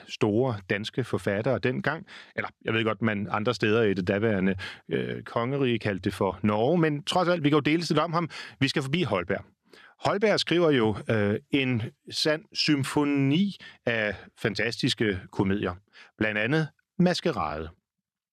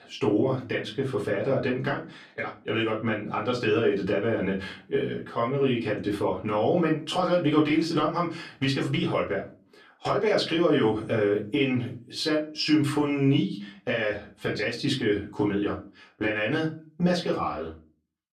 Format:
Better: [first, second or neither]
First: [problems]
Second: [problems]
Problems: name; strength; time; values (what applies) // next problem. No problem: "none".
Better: first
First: none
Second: off-mic speech; far // room echo; very slight; dies away in 0.3 s